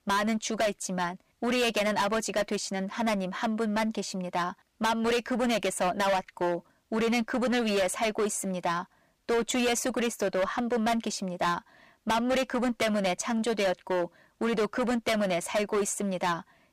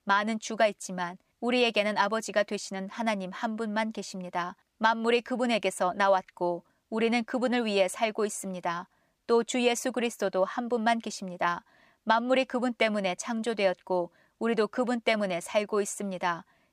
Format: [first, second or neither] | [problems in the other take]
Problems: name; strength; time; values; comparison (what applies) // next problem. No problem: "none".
second | distortion; heavy; 17% of the sound clipped